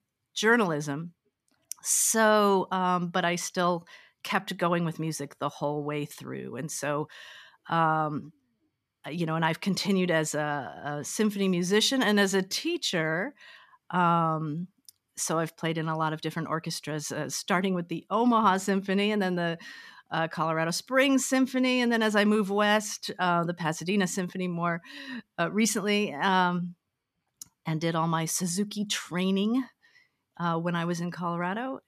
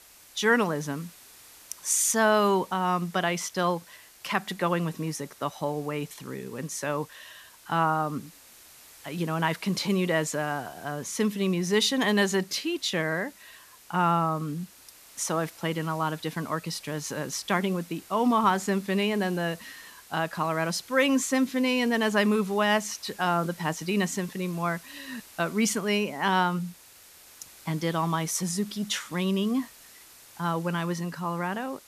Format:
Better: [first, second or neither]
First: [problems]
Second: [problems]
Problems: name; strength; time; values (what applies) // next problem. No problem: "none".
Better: first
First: none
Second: hiss; faint; throughout; 20 dB below the speech